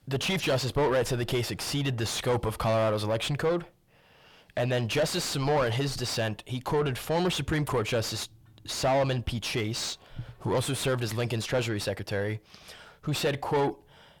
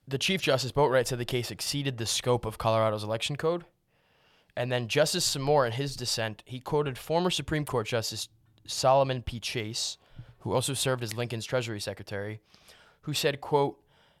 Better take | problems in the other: second | distortion; heavy; 6 dB below the speech

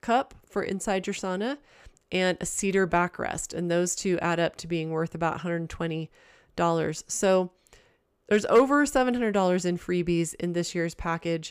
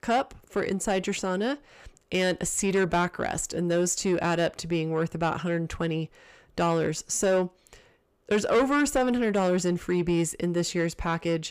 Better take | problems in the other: first | distortion; slight; 10 dB below the speech

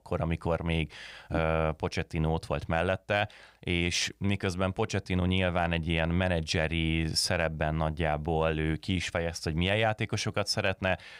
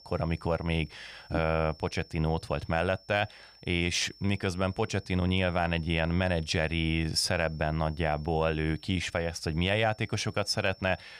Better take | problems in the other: first | high-pitched whine; faint; throughout; 5.5 kHz, 25 dB below the speech

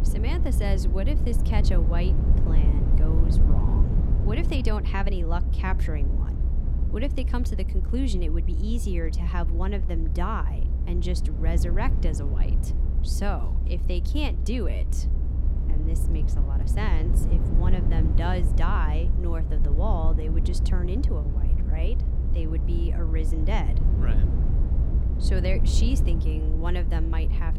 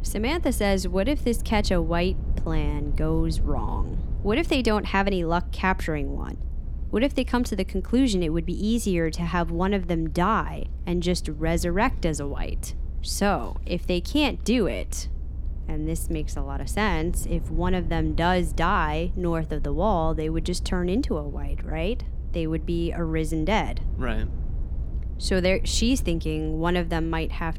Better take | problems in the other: second | low rumble; loud; throughout; 6 dB below the speech; faint in the second

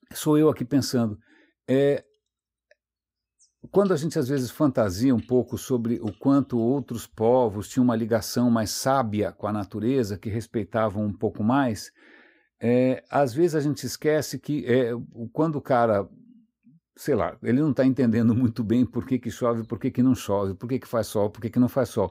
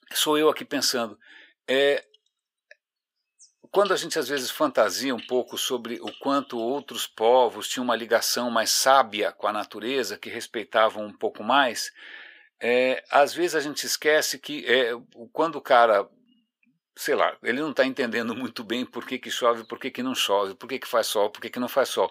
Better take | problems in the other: first | thin; somewhat; fading below 600 Hz

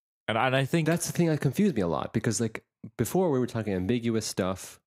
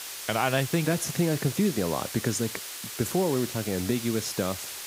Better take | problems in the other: first | hiss; loud; throughout; 7 dB below the speech

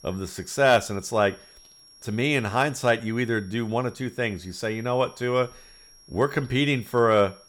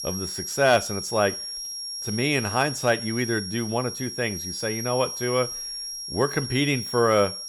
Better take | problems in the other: first | high-pitched whine; loud; throughout; 5.5 kHz, 6 dB below the speech; faint in the first

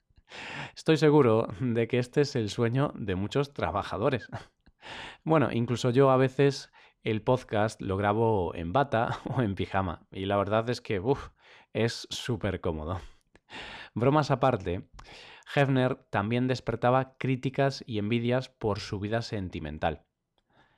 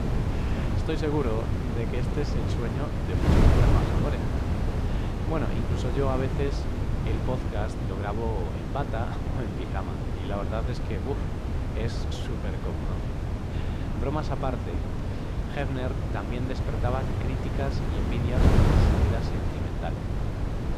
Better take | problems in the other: first | wind noise on the microphone; heavy; as loud as the speech

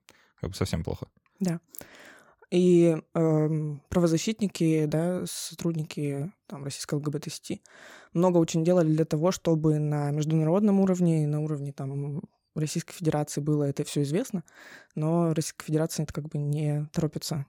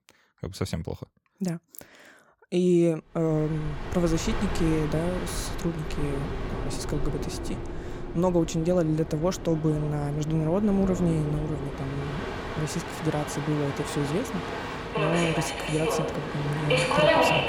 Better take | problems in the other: first | train or aircraft noise; loud; from 3.5 s on; 3 dB below the speech

